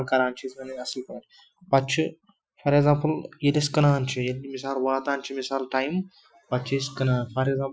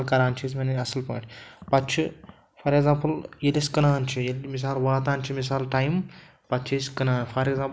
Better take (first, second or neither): second